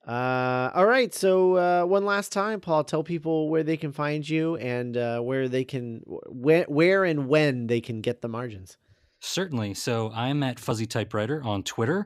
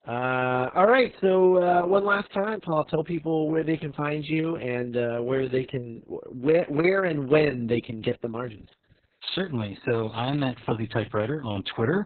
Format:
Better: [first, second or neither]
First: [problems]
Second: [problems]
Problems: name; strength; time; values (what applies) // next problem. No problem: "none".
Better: first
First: none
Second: garbled, watery; badly; nothing above 4 kHz